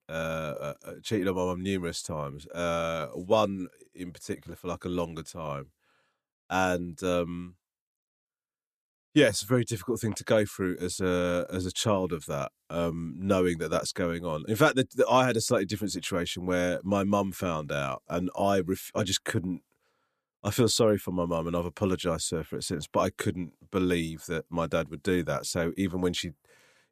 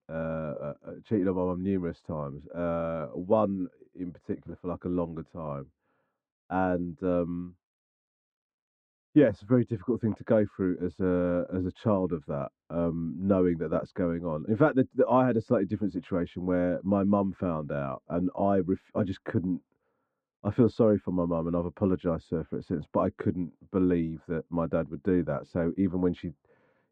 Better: first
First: none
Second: muffled; very; fading above 1 kHz

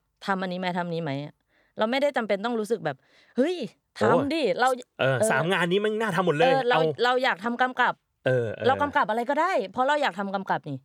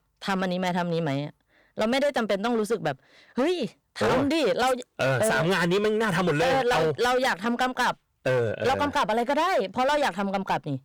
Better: first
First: none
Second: distortion; heavy; 17% of the sound clipped

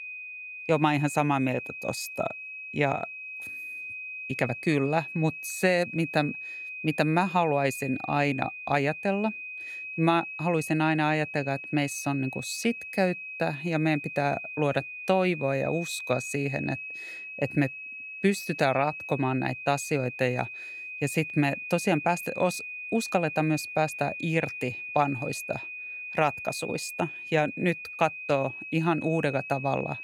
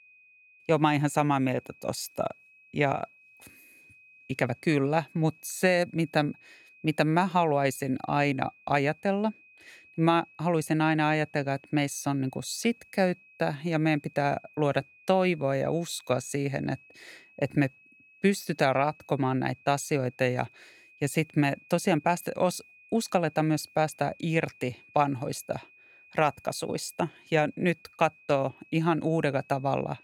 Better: second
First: high-pitched whine; loud; throughout; 2.5 kHz, 8 dB below the speech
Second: high-pitched whine; faint; throughout; 2.5 kHz, 25 dB below the speech

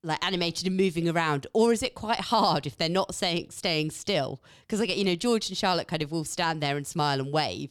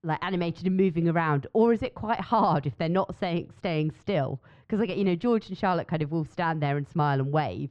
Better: first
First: none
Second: muffled; very; fading above 1.5 kHz

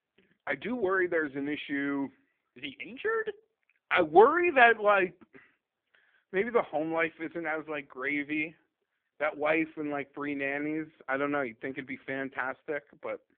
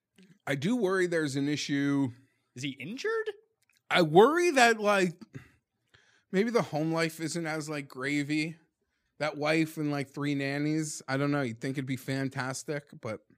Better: second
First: phone-call audio; poor line; nothing above 3.5 kHz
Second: none

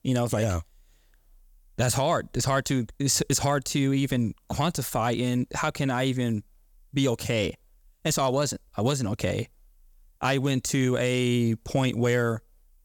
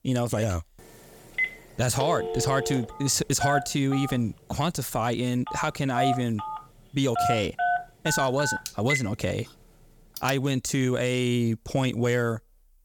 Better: first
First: none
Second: phone ringing; loud; from 1.5 to 10 s; peak level with the speech

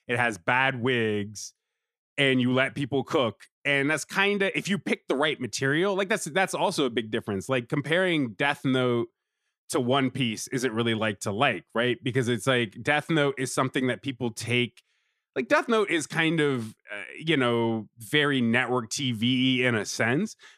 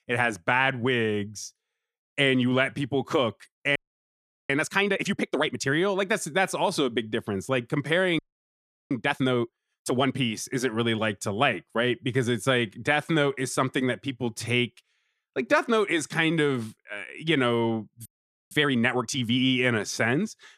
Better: first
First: none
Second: audio freezing; at 4 s for 0.5 s, at 8 s for 0.5 s and at 18 s

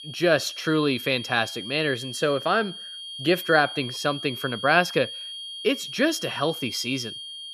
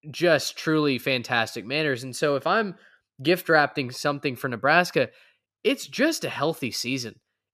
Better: second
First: high-pitched whine; loud; throughout; 3 kHz, 10 dB below the speech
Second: none

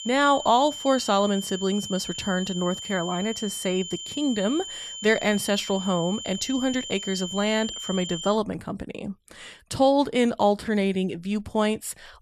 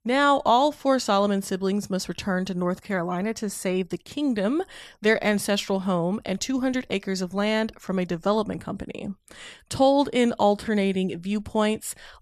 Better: second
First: high-pitched whine; loud; until 8.5 s; 3 kHz, 9 dB below the speech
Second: none

